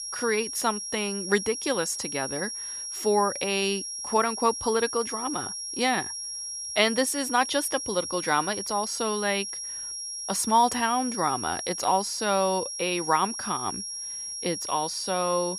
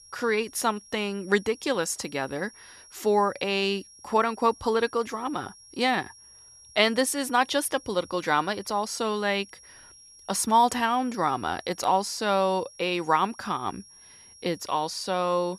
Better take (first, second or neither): second